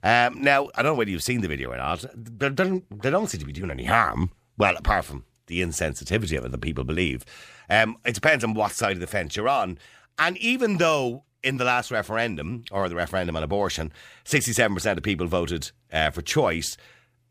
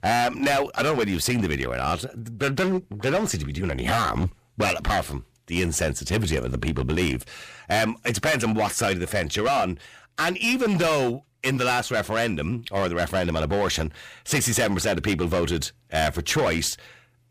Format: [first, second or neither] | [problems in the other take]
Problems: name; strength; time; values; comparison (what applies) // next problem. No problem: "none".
first | distortion; heavy; 14% of the sound clipped